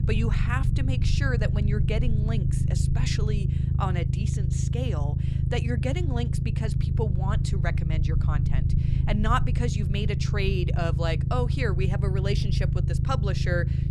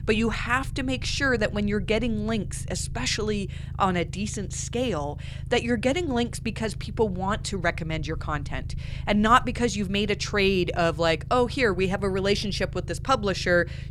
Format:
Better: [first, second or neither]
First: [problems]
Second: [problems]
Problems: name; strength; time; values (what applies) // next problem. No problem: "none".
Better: second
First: low rumble; loud; throughout; 5 dB below the speech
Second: low rumble; faint; throughout; 25 dB below the speech